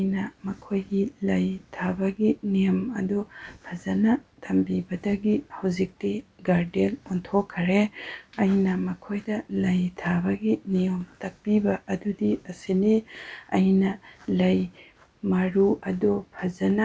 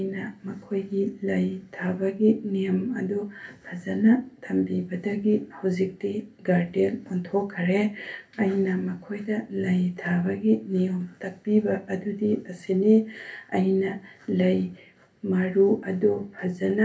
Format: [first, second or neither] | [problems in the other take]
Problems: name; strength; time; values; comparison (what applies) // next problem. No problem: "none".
first | room echo; dies away in 0.3 s